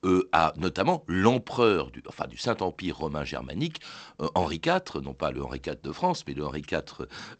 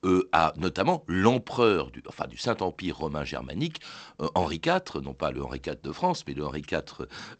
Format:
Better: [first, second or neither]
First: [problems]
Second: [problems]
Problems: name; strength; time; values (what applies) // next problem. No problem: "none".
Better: neither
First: garbled, watery; slightly; nothing above 8 kHz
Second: garbled, watery; slightly; nothing above 8 kHz